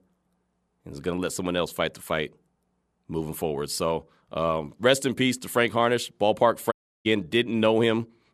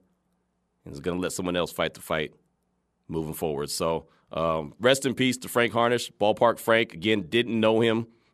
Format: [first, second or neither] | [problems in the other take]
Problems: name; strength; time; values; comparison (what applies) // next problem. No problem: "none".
second | audio cutting out; at 6.5 s